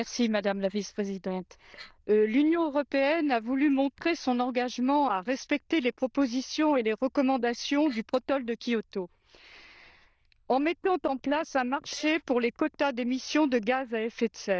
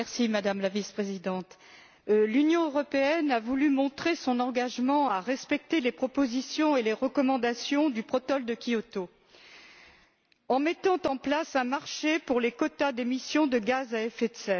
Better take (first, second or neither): second